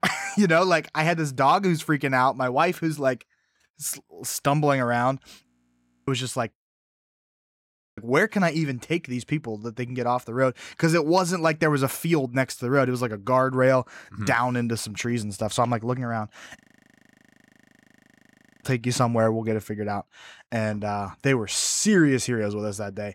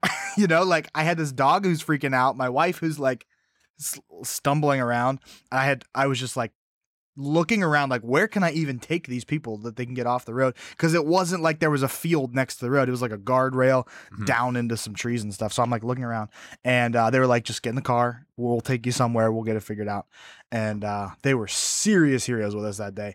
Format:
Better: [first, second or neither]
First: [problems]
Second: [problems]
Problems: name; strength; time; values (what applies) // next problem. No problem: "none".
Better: second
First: audio freezing; at 5.5 s for 0.5 s, at 6.5 s for 1.5 s and at 17 s for 2 s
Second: none